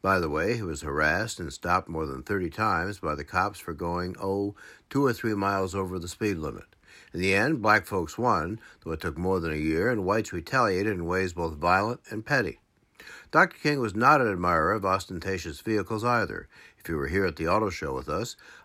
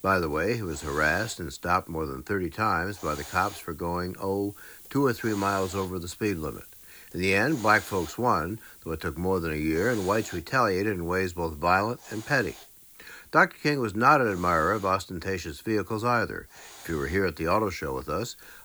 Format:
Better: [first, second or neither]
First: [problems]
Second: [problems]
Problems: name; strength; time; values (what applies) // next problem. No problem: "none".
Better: first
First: none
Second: hiss; noticeable; throughout; 20 dB below the speech